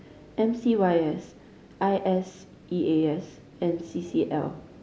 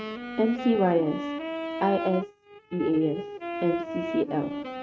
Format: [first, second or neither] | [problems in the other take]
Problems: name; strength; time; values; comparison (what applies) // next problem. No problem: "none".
first | noise reduction (neural mask model RNNoise)